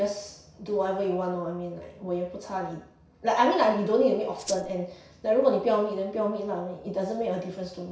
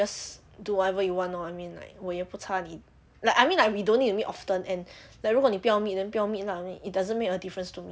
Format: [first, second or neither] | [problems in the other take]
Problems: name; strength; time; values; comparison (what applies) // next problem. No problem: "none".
second | background sound (Rattle (instrument)); 12 dB below the speech // room echo; dies away in 0.6 s